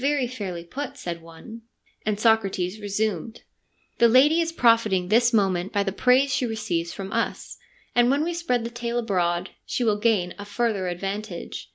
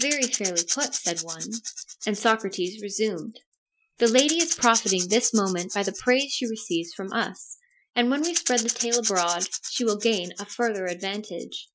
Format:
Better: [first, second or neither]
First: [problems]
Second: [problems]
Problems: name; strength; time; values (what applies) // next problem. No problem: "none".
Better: first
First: none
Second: noise reduction (classical method Wiener filter)